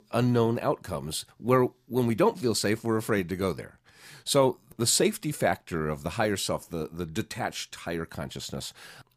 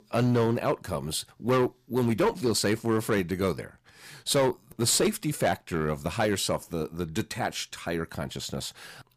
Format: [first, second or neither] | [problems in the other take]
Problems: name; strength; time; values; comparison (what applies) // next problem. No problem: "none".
first | distortion; slight; 6% of the sound clipped